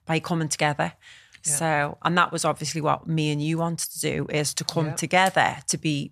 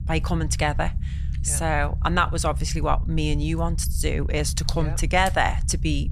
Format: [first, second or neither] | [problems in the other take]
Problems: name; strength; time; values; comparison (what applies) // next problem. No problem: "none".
first | low rumble; noticeable; throughout; 20 dB below the speech